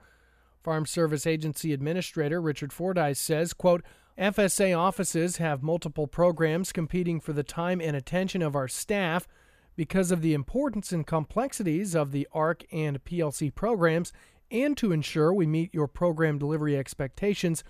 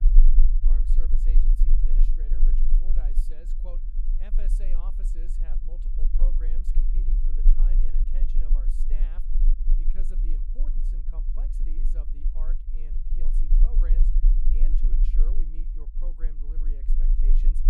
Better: first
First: none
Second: low rumble; loud; throughout; as loud as the speech

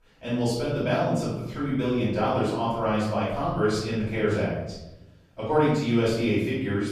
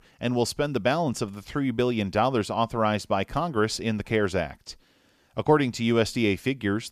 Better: second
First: off-mic speech; far // room echo; noticeable; dies away in 1 s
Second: none

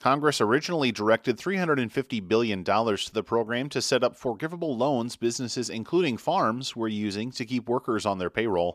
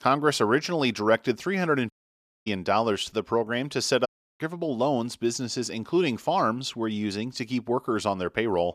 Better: first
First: none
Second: audio cutting out; at 2 s for 0.5 s and at 4 s

